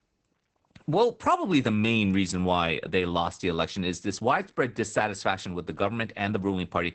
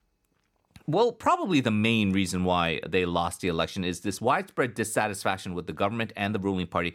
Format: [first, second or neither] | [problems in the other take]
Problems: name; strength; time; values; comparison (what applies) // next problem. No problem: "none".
second | garbled, watery; badly; nothing above 8 kHz